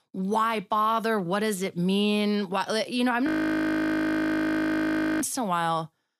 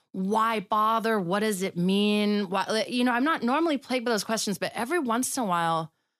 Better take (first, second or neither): second